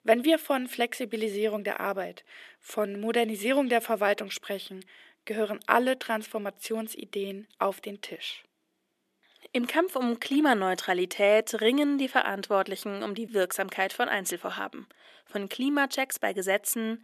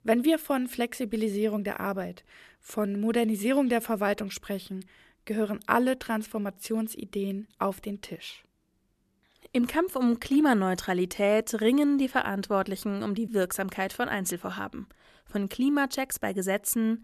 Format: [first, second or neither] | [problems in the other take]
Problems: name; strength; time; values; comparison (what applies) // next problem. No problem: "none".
second | thin; very slightly; fading below 350 Hz